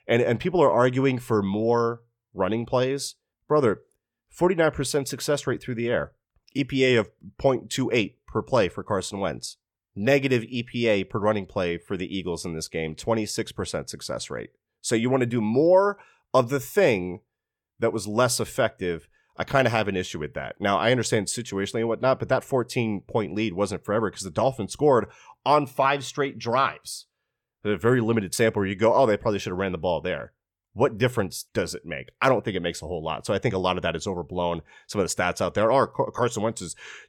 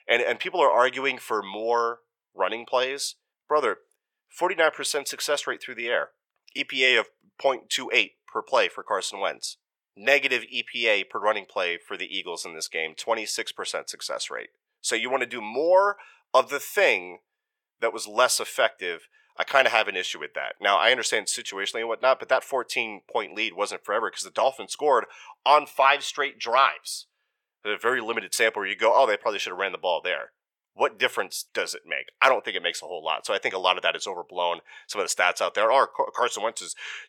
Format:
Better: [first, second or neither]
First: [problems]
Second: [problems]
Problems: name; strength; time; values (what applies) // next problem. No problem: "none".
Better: first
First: none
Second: thin; very; fading below 700 Hz